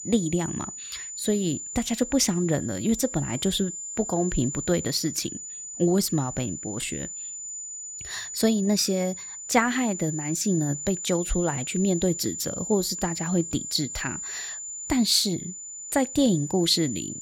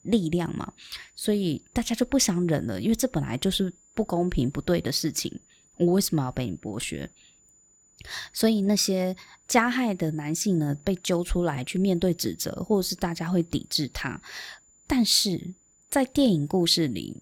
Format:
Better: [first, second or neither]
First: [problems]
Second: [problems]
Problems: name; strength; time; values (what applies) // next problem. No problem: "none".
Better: second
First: high-pitched whine; loud; throughout; 7 kHz, 8 dB below the speech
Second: high-pitched whine; faint; throughout; 7 kHz, 30 dB below the speech